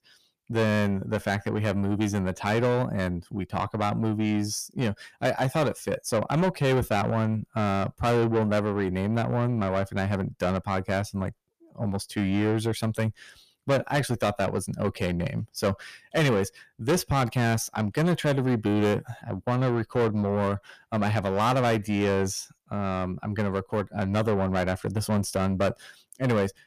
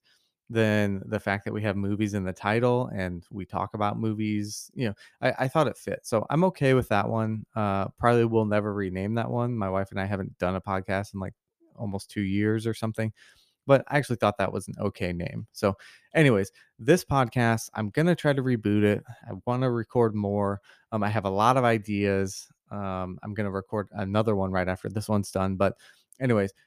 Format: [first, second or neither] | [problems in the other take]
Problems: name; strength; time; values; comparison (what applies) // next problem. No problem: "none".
second | distortion; heavy; 7 dB below the speech